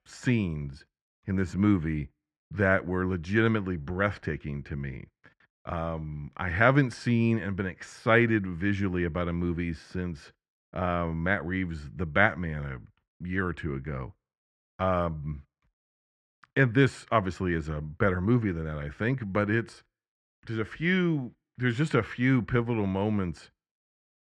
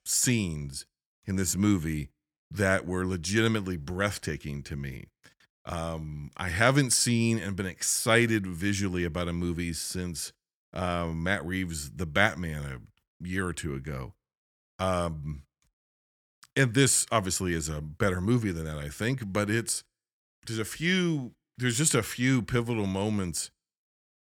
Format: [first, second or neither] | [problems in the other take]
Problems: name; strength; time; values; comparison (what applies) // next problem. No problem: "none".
second | muffled; very; fading above 2 kHz